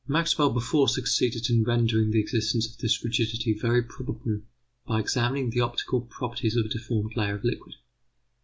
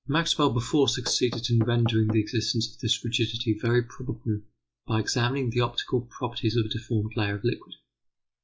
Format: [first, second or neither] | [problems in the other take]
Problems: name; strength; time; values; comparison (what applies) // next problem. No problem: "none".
first | noise reduction (classical method log-MMSE)